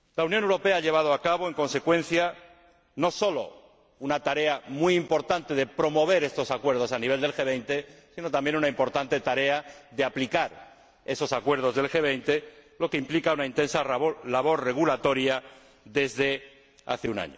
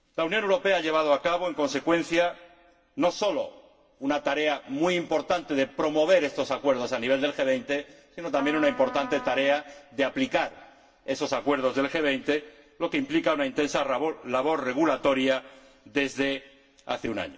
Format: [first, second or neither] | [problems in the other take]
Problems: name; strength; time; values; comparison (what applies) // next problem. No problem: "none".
first | background sound (Trumpet); 13 dB below the speech // room echo; dies away in 0.1 s